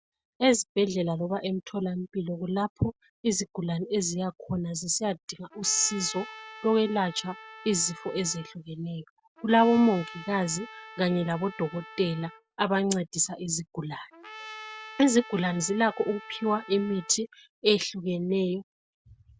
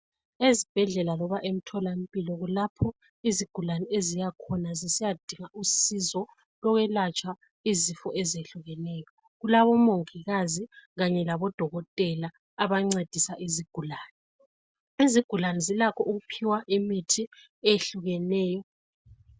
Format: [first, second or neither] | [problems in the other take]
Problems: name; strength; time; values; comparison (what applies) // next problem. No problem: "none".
second | background sound (Trumpet); 17 dB below the speech